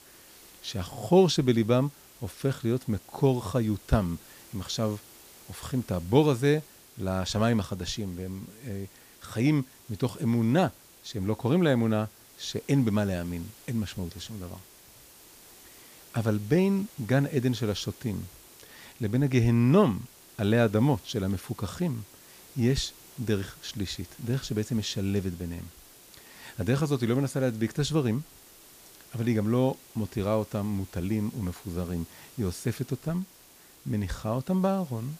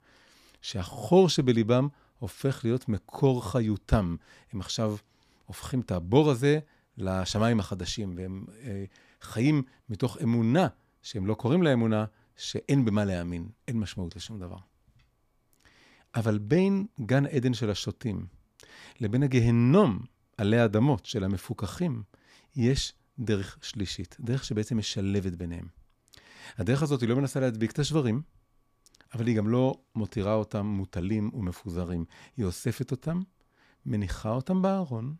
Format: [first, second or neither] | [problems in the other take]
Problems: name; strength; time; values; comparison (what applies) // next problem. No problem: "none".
second | hiss; faint; throughout; 20 dB below the speech